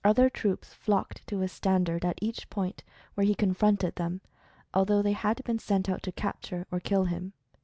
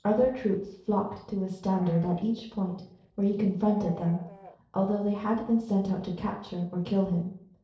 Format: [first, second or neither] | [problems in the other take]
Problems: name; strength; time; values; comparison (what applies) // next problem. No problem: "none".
first | noise reduction (neural separator model SepFormer DNS4)